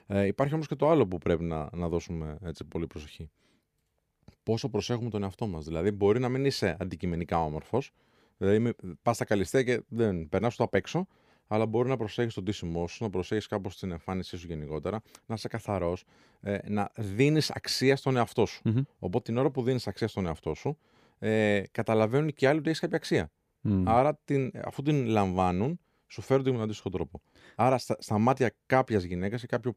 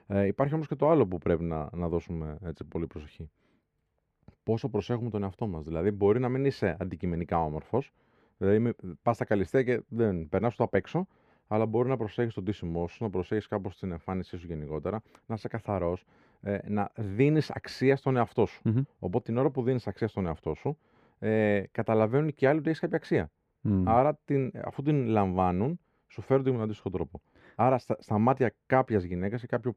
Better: first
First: none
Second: muffled; slightly; fading above 3 kHz

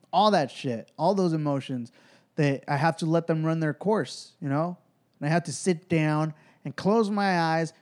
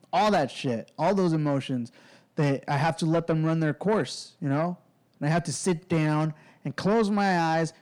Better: first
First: none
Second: distortion; slight; 10 dB below the speech

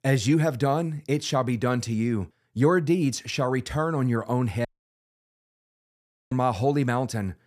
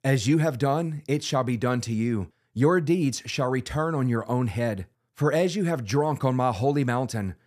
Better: second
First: audio cutting out; at 4.5 s for 1.5 s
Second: none

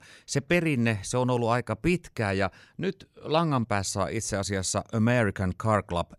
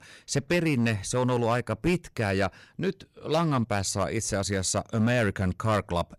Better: first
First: none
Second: distortion; slight; 5% of the sound clipped

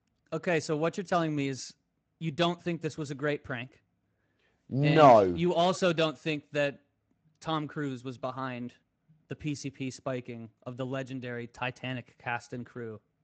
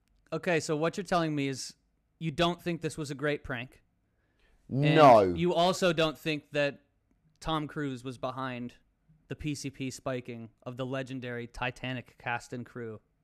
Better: second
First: garbled, watery; slightly; nothing above 8 kHz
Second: none

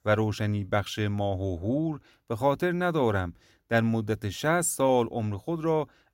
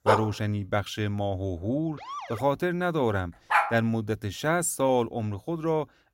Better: first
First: none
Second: dog barking; loud; at the start and at 3.5 s; peak 3 dB above the speech // siren; noticeable; at 2 s; peak 9 dB below the speech

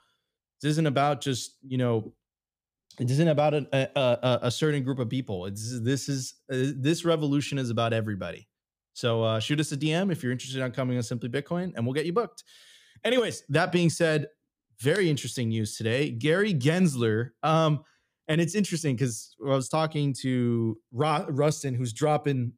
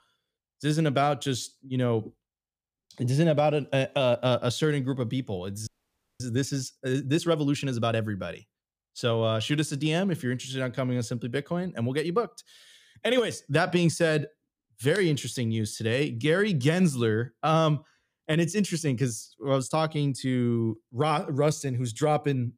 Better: first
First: none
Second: audio freezing; at 5.5 s for 0.5 s

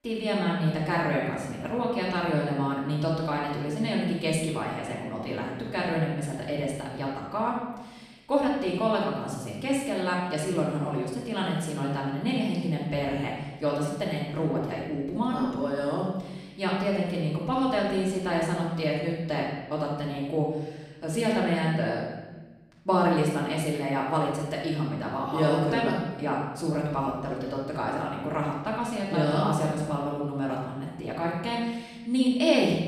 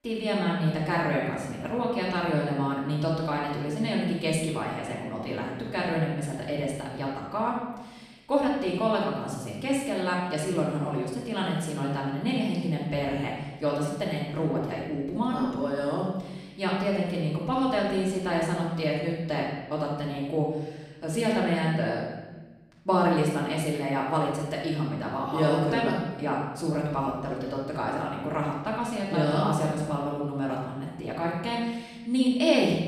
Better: neither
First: off-mic speech; far // room echo; noticeable; dies away in 1.1 s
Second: off-mic speech; far // room echo; noticeable; dies away in 1.1 s

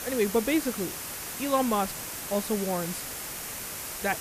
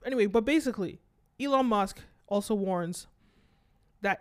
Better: second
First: hiss; loud; throughout; 5 dB below the speech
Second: none

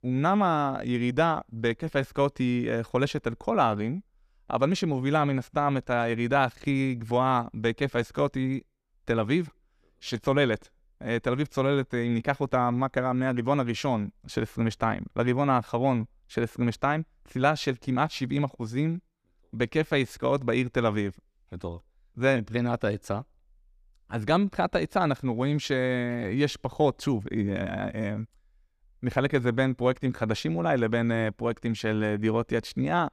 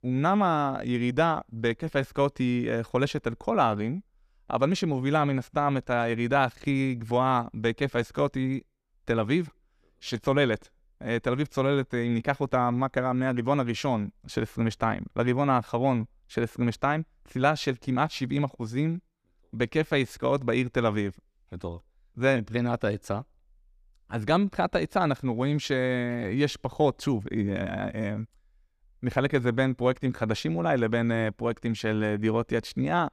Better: neither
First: none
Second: none

